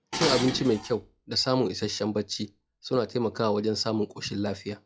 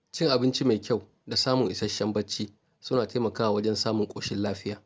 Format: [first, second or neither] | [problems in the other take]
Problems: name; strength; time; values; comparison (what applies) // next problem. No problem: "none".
second | noise reduction (classical method log-MMSE)